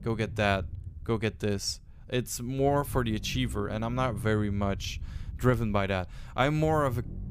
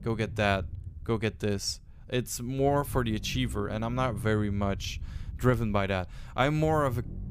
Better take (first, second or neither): neither